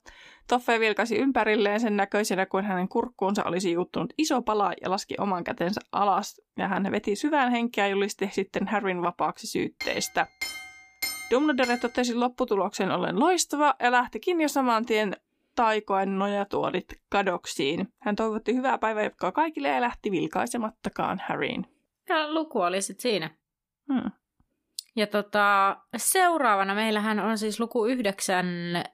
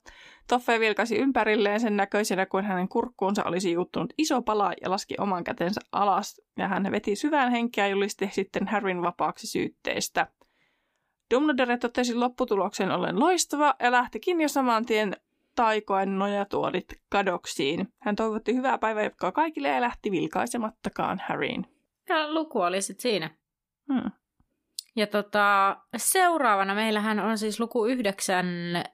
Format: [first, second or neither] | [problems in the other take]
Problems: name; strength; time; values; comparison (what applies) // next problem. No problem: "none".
second | clattering dishes; noticeable; from 10 to 12 s; peak 5 dB below the speech